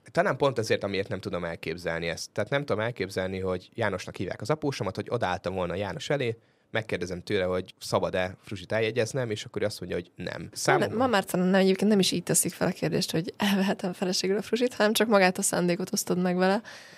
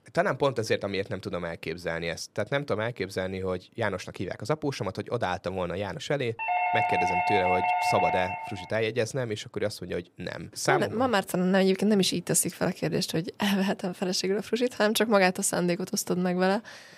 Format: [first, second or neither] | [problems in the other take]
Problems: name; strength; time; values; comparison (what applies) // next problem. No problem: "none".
first | doorbell; loud; from 6.5 to 8.5 s; peak 3 dB above the speech